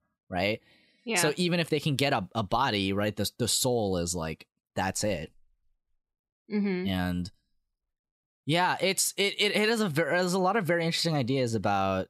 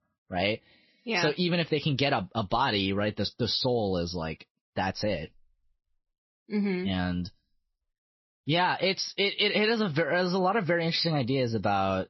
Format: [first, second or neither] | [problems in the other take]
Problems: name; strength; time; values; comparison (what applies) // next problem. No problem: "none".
first | garbled, watery; slightly; nothing above 5.5 kHz